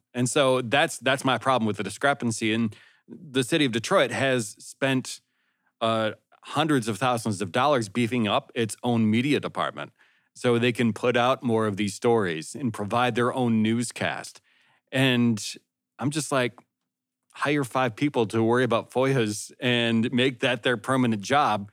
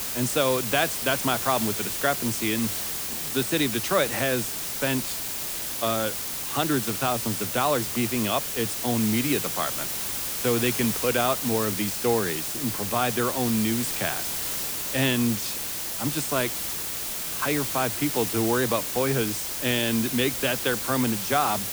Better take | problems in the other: first | hiss; loud; throughout; 1 dB below the speech

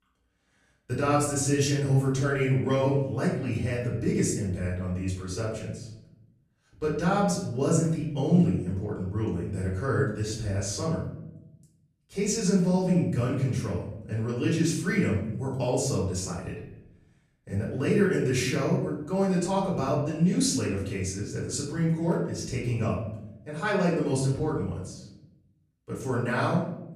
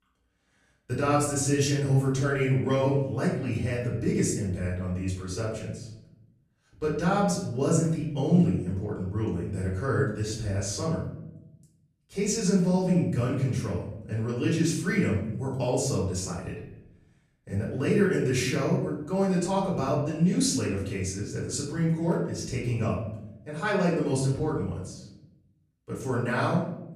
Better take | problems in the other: neither | room echo; noticeable; dies away in 0.8 s; the same in both // off-mic speech; far; the same in both

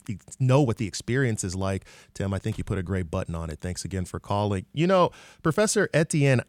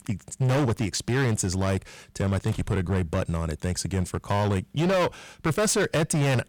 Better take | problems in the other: first | distortion; heavy; 17% of the sound clipped

